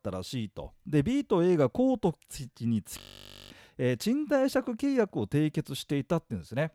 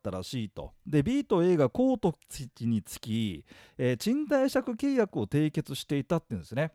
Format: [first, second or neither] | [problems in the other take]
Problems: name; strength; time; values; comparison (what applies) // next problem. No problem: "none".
second | audio freezing; at 3 s for 0.5 s